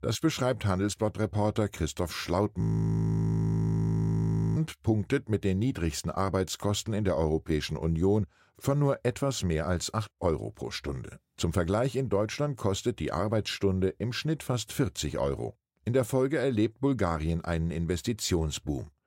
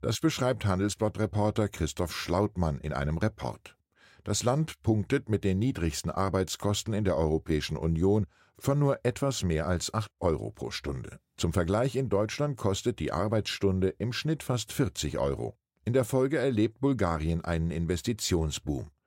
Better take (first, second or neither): second